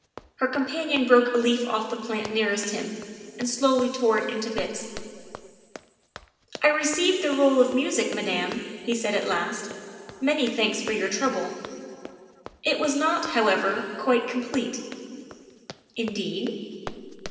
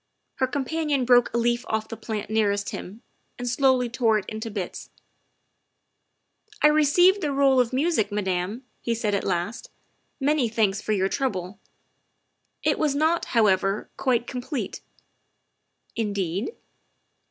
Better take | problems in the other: second | background sound (Run); 19 dB below the speech // room echo; dies away in 2.6 s

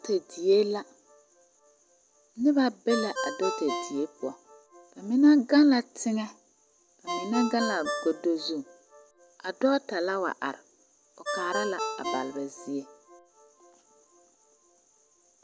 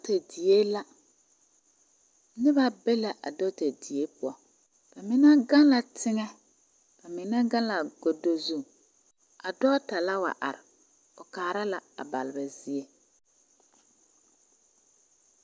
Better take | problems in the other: second | background sound (Ringtone); 11 dB below the speech

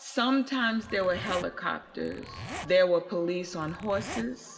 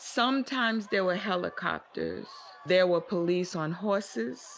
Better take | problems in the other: second | background sound (Zipper (clothing)); 13 dB below the speech // room echo; dies away in 2.8 s

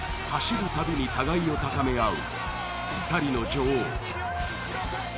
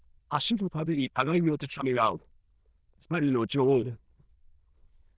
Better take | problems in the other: first | noise reduction (neural diffusion model UNIVERSE++)

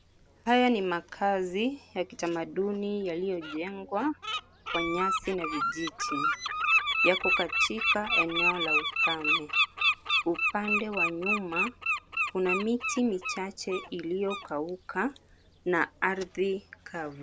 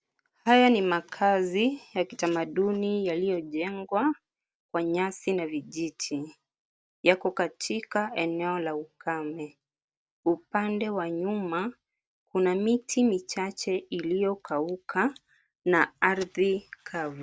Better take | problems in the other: second | background sound (Bird); as loud as the speech

